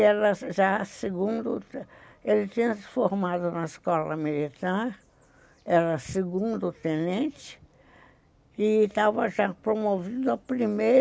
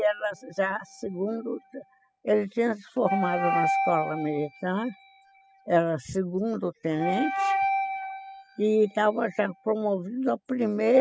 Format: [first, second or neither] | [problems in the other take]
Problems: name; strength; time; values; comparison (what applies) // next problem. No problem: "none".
first | noise reduction (classical method spectral subtraction)